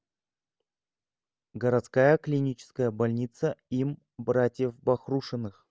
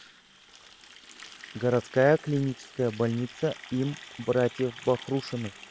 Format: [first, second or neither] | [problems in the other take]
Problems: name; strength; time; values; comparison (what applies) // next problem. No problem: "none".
first | background sound (Water tap, faucet); 18 dB below the speech